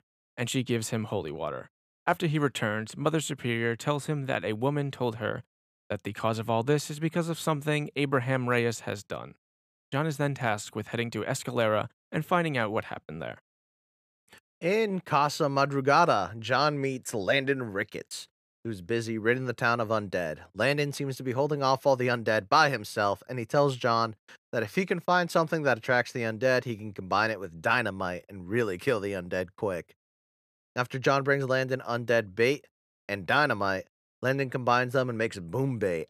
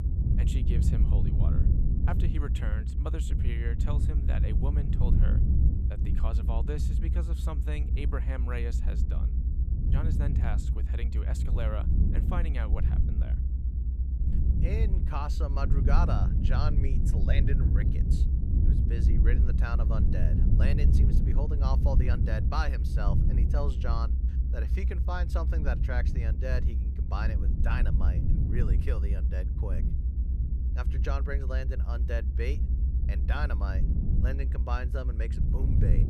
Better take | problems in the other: first | low rumble; loud; throughout; 4 dB below the speech

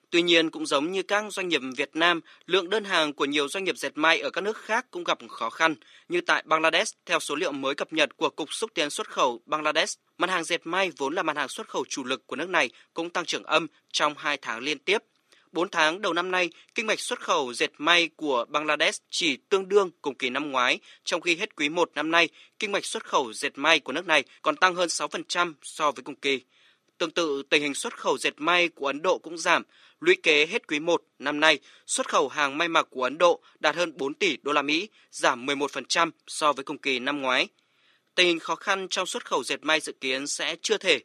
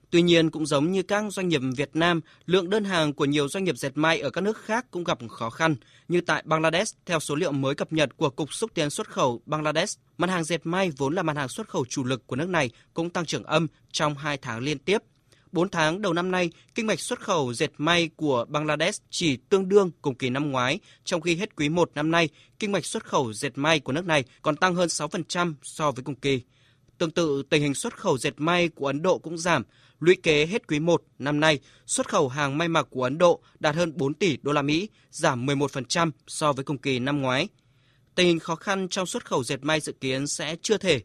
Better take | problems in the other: second | thin; somewhat; fading below 300 Hz

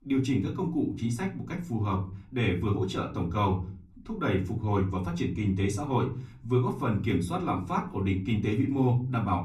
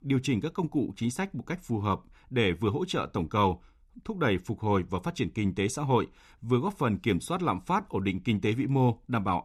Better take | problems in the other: second | off-mic speech; far // room echo; very slight; dies away in 0.4 s

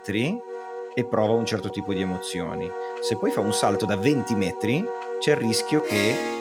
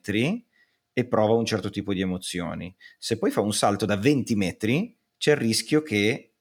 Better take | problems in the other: second | background music; loud; throughout; 6 dB below the speech

